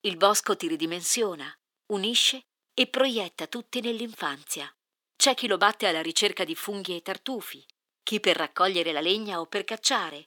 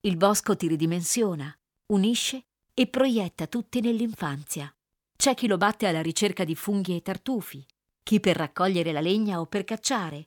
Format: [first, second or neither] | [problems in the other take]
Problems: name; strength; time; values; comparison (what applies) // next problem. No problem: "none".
second | thin; somewhat; fading below 300 Hz